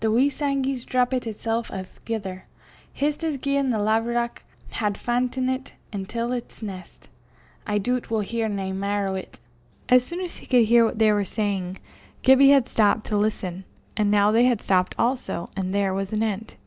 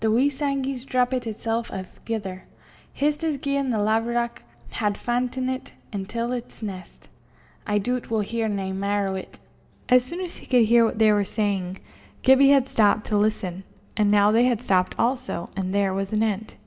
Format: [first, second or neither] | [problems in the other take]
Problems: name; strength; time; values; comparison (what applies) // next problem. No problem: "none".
first | room echo; dies away in 1.1 s